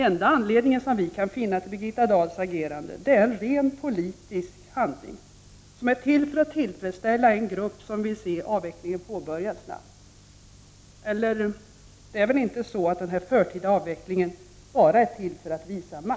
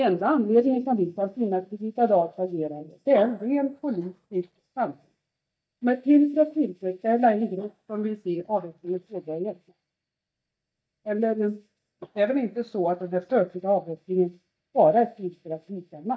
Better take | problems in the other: first | noise reduction (neural mask model DeepFilterNet 3)

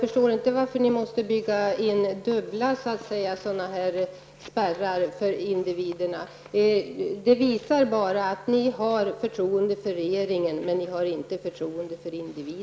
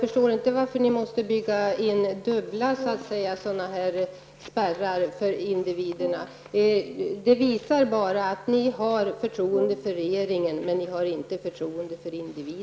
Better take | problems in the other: first | background sound (Brass instrument); 14 dB below the speech

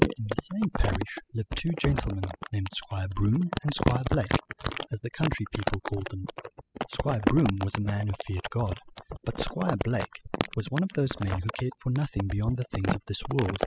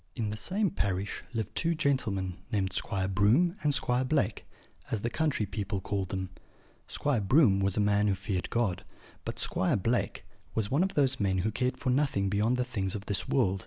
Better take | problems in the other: second | noise reduction (classical method spectral subtraction)

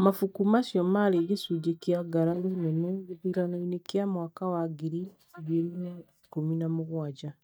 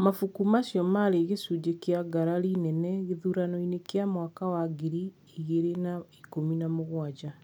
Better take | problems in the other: second | noise reduction (neural mask model DeepFilterNet 3)

